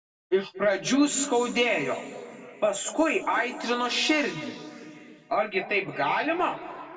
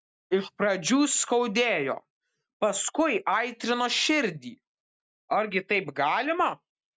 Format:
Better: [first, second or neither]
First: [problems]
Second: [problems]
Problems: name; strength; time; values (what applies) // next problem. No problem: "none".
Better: second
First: room echo; dies away in 2.4 s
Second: none